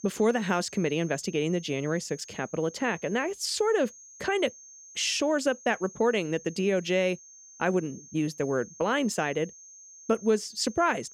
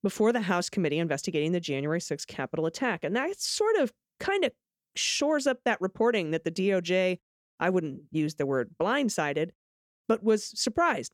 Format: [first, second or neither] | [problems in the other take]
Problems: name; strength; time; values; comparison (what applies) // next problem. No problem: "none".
second | high-pitched whine; noticeable; throughout; 6.5 kHz, 20 dB below the speech